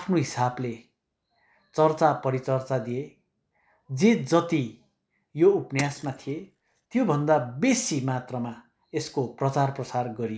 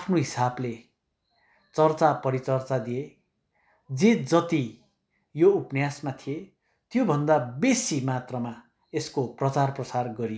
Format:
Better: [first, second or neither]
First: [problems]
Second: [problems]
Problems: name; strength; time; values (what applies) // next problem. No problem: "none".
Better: second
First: noise reduction (neural mask model Resemble Enhance denoiser)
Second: none